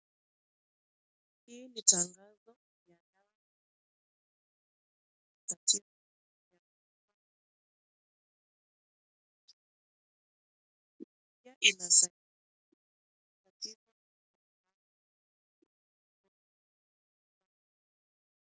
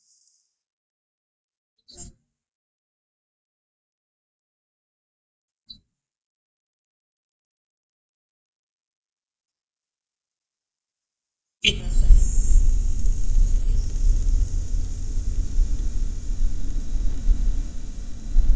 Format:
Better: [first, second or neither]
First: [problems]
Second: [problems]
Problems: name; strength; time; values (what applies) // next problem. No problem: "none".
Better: first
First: none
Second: noise reduction (neural mask model DeepFilterNet 3)